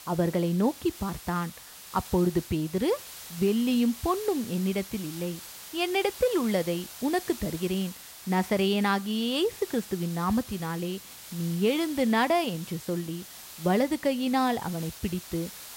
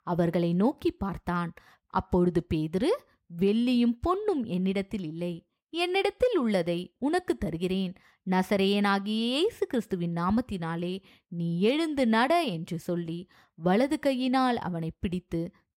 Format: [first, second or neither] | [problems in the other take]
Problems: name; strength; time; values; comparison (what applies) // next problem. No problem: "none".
second | hiss; noticeable; throughout; 15 dB below the speech